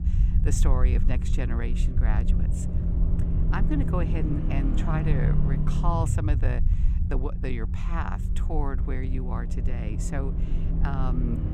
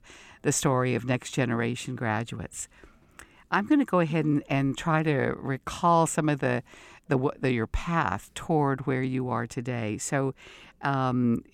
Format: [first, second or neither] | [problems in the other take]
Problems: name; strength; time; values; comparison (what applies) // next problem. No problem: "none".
second | low rumble; loud; throughout; 5 dB below the speech